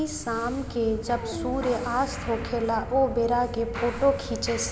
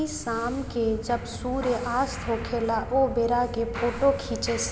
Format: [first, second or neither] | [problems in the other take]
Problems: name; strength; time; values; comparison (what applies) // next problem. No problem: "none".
second | background sound (Dog); 15 dB below the speech